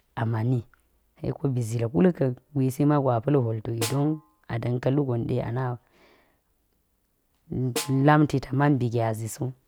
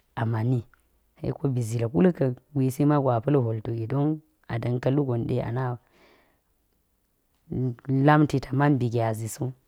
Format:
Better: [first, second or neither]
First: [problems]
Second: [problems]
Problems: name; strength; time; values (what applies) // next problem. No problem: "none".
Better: second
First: background sound (Snare drum); 13 dB below the speech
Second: none